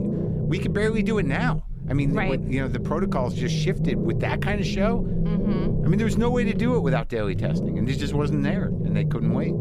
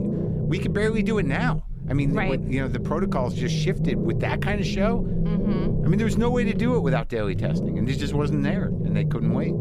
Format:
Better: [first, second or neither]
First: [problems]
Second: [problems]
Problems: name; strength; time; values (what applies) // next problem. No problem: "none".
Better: neither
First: low rumble; loud; throughout; 5 dB below the speech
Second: low rumble; loud; throughout; 5 dB below the speech